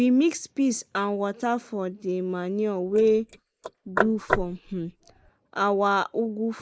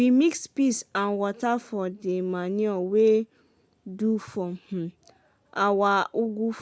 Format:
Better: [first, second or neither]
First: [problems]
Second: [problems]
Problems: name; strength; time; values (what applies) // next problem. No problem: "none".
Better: second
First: noise reduction (neural mask model Resemble Enhance denoiser)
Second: none